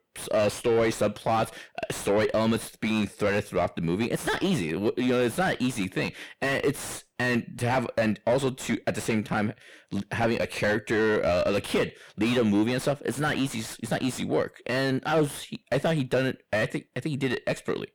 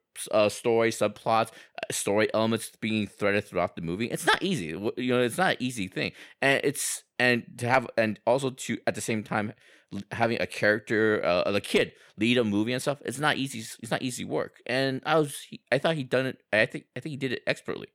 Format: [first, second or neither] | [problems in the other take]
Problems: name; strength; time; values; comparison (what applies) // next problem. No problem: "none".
second | distortion; heavy; 6 dB below the speech